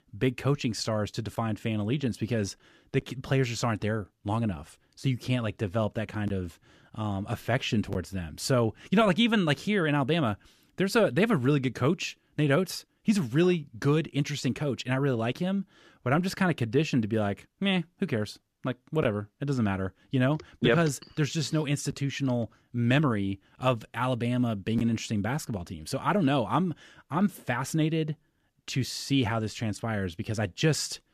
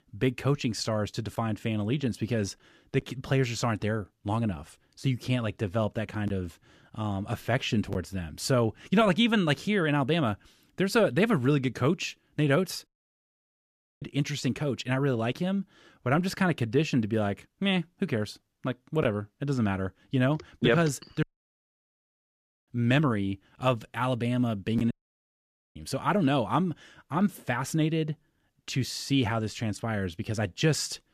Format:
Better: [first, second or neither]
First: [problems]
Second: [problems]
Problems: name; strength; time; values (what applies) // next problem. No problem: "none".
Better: first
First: none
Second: audio cutting out; at 13 s for 1 s, at 21 s for 1.5 s and at 25 s for 1 s